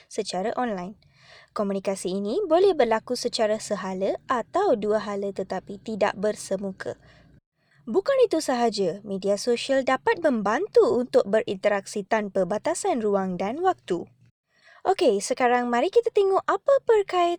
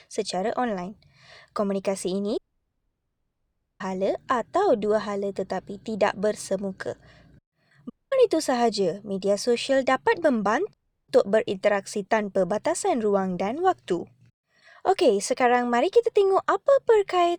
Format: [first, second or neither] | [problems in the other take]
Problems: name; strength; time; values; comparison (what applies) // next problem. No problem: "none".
first | audio cutting out; at 2.5 s for 1.5 s, at 8 s and at 11 s